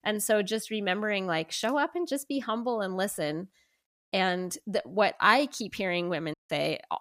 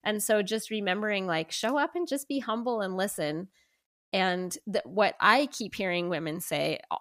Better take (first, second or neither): second